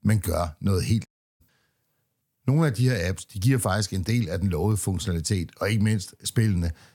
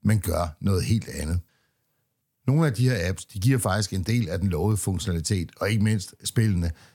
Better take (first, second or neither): second